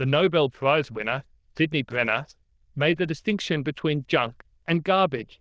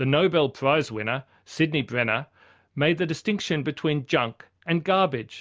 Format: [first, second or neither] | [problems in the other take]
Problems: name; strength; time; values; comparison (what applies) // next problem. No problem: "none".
second | noise reduction (neural diffusion model UNIVERSE++)